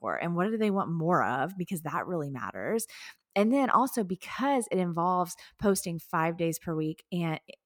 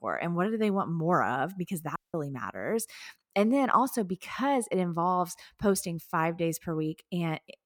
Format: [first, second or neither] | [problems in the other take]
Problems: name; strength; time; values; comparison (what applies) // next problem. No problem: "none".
first | audio cutting out; at 2 s